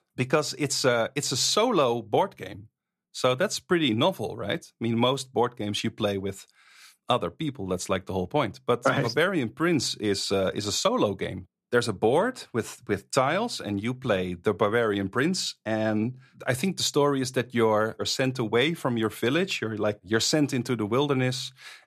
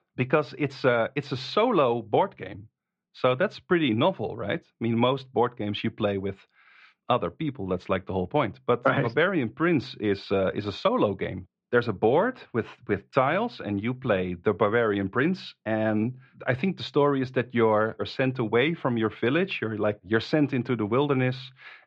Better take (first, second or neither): first